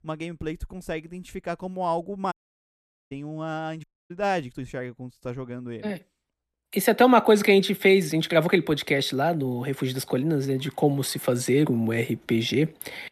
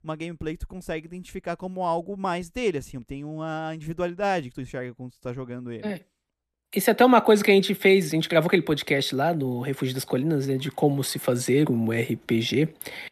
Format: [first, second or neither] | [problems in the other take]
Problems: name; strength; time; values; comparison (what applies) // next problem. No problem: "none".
second | audio cutting out; at 2.5 s for 1 s and at 4 s